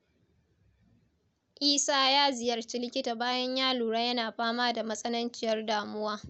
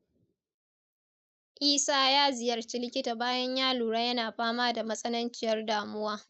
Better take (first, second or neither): first